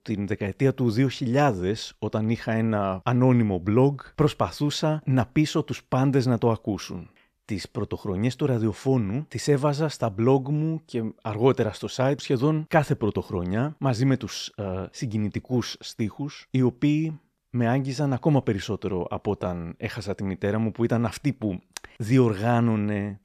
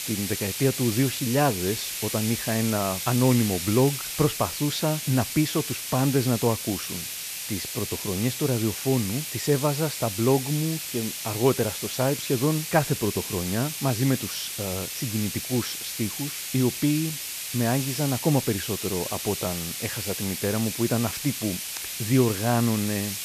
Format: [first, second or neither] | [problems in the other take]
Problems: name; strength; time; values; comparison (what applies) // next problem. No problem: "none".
first | hiss; loud; throughout; 4 dB below the speech